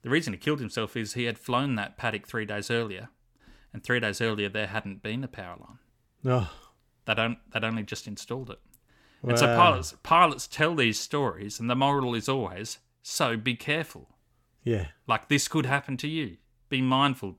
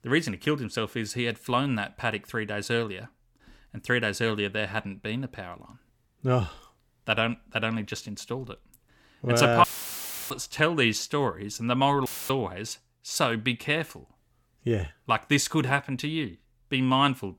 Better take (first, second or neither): first